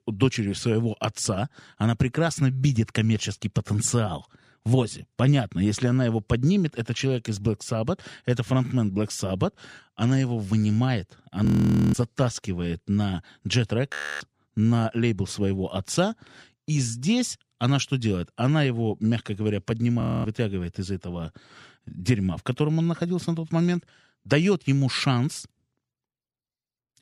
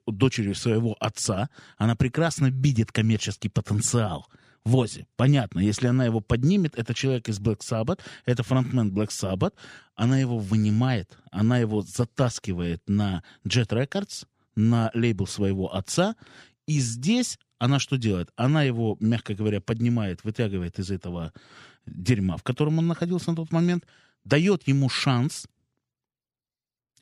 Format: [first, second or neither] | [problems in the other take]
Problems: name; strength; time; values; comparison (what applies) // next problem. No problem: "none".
second | audio freezing; at 11 s, at 14 s and at 20 s